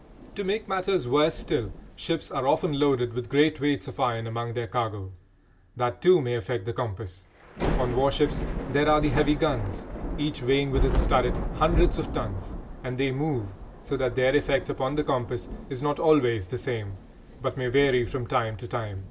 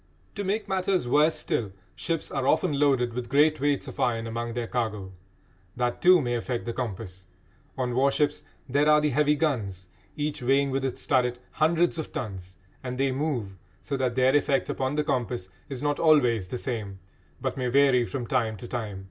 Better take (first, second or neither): second